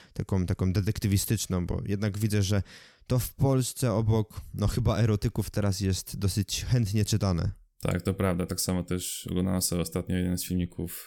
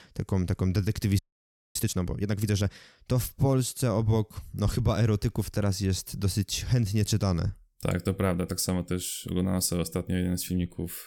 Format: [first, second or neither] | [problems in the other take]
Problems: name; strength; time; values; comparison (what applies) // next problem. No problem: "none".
first | audio freezing; at 1 s for 0.5 s